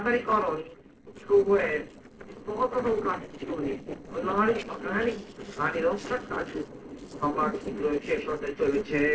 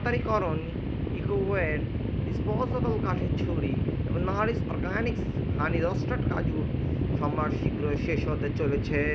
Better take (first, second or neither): second